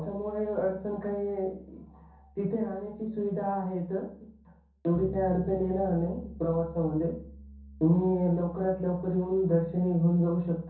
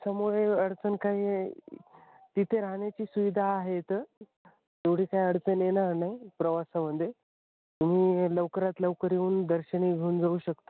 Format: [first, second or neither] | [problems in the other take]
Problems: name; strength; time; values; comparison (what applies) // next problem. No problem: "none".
second | background sound (Bass guitar); 18 dB below the speech // room echo; dies away in 0.6 s